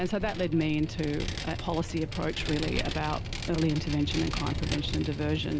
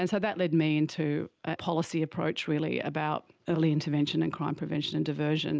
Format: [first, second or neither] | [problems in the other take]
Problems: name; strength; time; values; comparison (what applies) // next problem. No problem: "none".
second | background sound (Vehicle); 4 dB below the speech